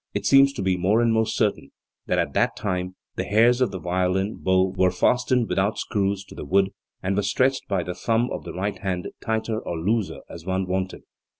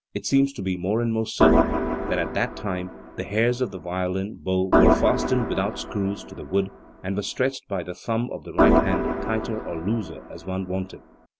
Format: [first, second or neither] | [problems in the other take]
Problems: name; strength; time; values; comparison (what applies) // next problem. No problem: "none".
first | background sound (Organ); 1 dB above the speech